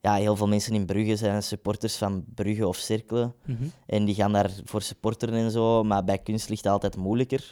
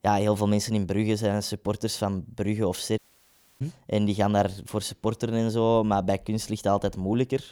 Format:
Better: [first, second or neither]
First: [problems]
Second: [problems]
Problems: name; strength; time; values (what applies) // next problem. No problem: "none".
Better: first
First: none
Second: audio cutting out; at 3 s for 0.5 s